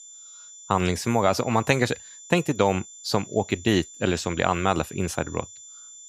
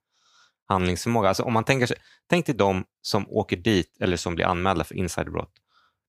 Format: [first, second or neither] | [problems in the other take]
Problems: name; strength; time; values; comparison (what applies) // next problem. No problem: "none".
second | high-pitched whine; noticeable; throughout; 7 kHz, 15 dB below the speech